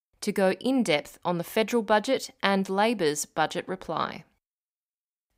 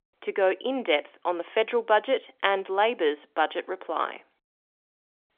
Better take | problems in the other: first | phone-call audio; nothing above 3.5 kHz

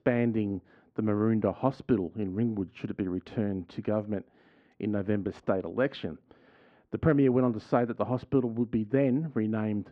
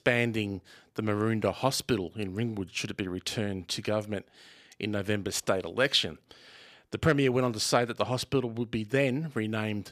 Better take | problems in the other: second | muffled; very; fading above 1 kHz

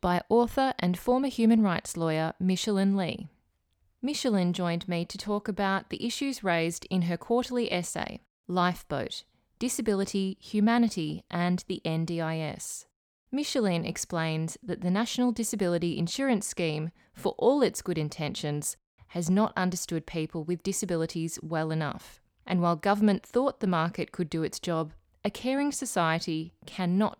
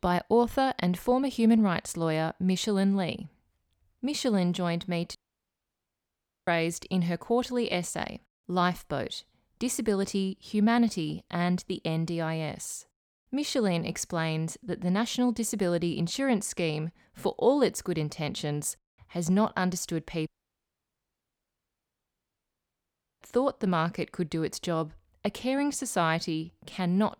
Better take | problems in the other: first | audio cutting out; at 5 s for 1.5 s and at 20 s for 3 s

